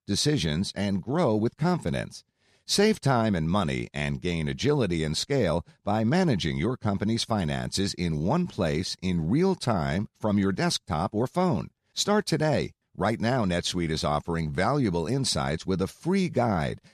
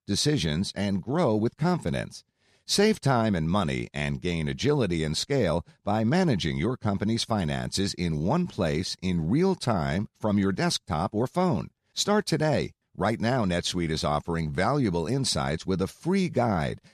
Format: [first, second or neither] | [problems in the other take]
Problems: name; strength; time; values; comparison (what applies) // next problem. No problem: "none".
neither | none